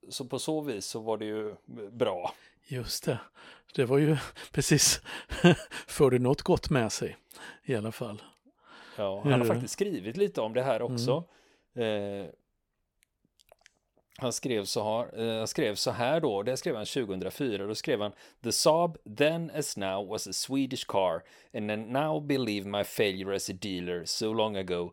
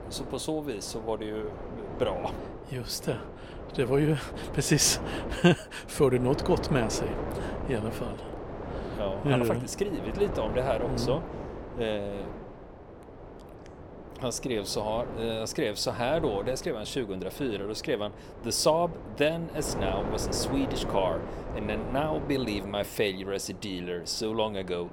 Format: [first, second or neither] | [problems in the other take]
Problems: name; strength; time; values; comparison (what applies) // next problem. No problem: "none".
first | wind noise on the microphone; heavy; 9 dB below the speech